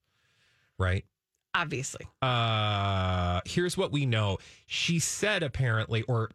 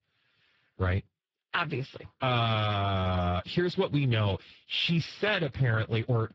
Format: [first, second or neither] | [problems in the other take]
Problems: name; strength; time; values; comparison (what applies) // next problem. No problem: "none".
first | garbled, watery; badly